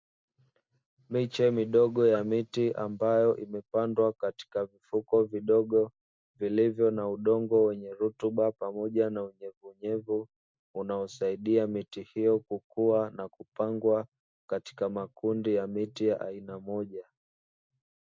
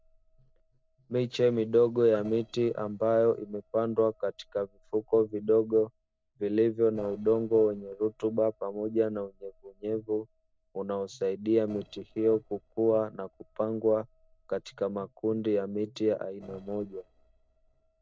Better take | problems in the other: first | noise reduction (neural separator model SepFormer DNS4)

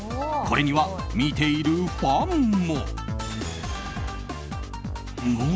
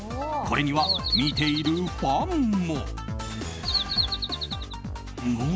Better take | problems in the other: first | background sound (Bird vocalization, bird call, bird song); 2 dB below the speech

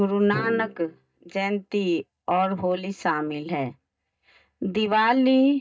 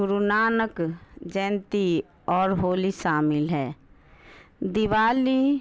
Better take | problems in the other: second | noise reduction (neural mask model DeepFilterNet 3)

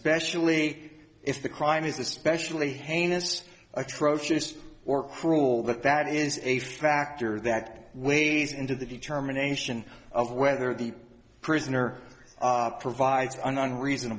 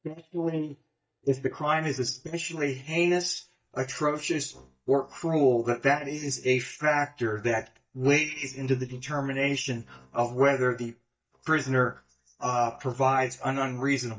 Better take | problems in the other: first | noise reduction (neural mask model DeepFilterNet 3)

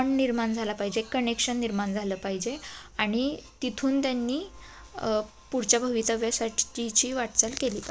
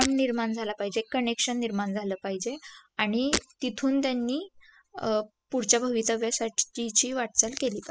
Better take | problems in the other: first | noise reduction (classical method spectral subtraction)

